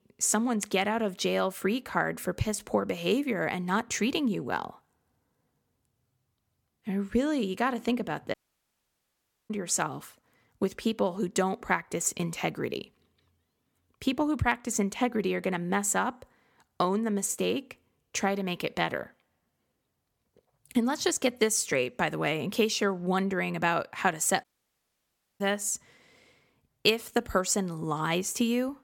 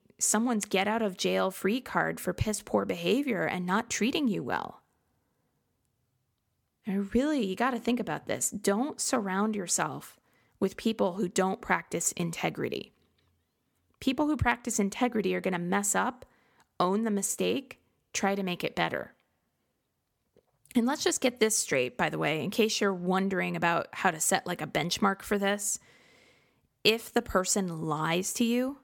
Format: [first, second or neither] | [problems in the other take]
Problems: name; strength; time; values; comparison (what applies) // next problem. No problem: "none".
second | audio cutting out; at 8.5 s for 1 s and at 24 s for 1 s